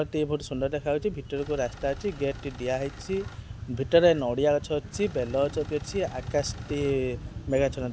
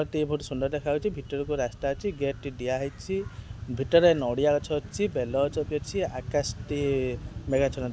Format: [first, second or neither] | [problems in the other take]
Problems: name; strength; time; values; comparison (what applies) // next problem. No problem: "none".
second | background sound (Engine); 19 dB below the speech